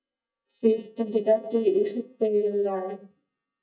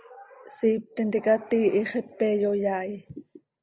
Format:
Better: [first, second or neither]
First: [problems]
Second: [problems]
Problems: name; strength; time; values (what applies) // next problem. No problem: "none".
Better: second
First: noise reduction (neural mask model DeepFilterNet 3)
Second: none